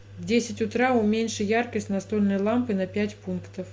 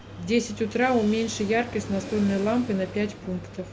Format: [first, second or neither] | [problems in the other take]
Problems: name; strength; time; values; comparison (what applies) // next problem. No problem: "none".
first | background sound (Fixed-wing aircraft, airplane); 14 dB below the speech